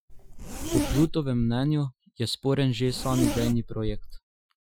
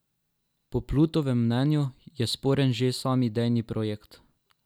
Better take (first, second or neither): second